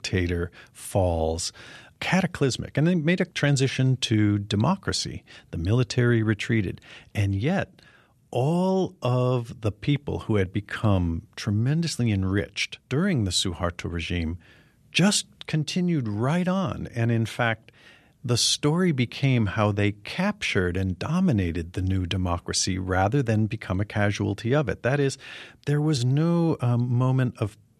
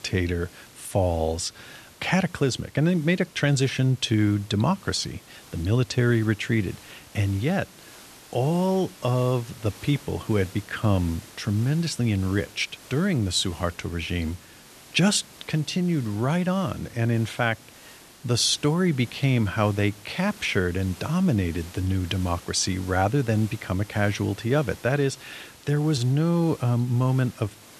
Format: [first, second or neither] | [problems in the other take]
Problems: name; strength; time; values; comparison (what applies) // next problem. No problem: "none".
first | hiss; faint; throughout; 20 dB below the speech